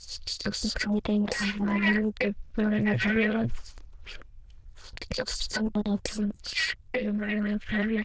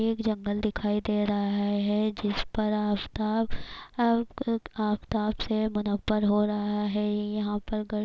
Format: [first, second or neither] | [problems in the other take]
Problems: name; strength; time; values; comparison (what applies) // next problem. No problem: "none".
second | noise reduction (neural diffusion model UNIVERSE++)